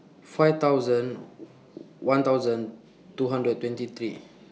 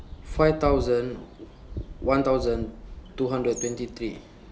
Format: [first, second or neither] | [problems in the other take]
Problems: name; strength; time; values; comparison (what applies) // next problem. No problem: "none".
first | background sound (Bird); 10 dB below the speech